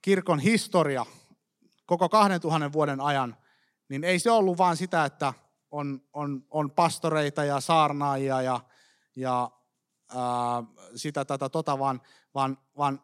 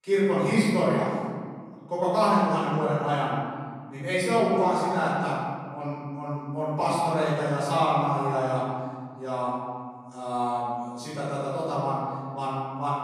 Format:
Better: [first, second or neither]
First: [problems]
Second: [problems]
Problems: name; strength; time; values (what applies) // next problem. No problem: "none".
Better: first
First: none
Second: off-mic speech; far // room echo; strong; dies away in 1.9 s